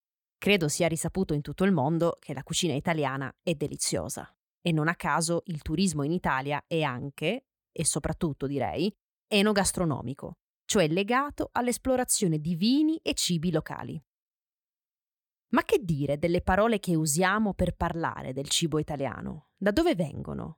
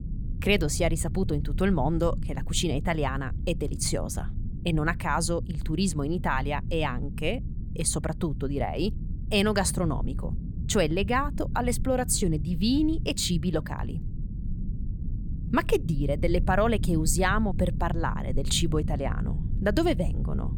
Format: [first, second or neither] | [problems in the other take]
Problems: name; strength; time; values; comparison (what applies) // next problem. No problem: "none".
first | low rumble; noticeable; throughout; 15 dB below the speech